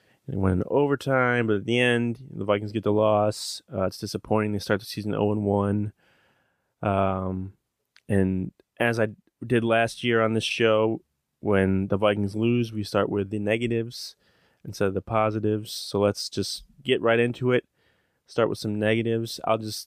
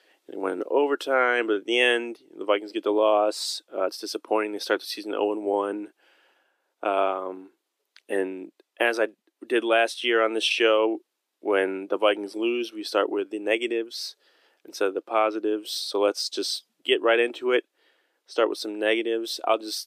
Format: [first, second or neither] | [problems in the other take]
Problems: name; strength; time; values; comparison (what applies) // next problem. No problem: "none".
first | thin; somewhat; fading below 300 Hz